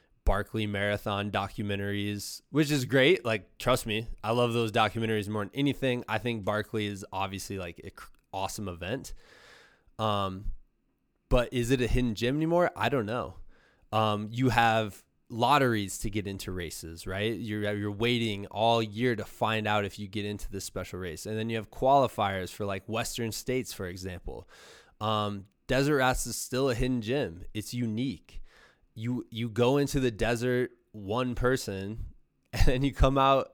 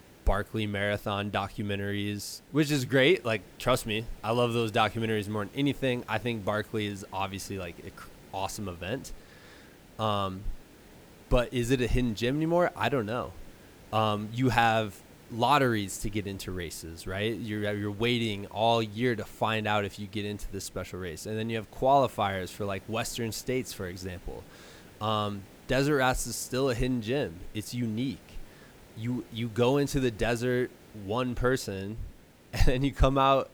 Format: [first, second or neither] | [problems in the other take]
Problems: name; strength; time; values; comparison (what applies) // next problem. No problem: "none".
first | hiss; faint; throughout; 25 dB below the speech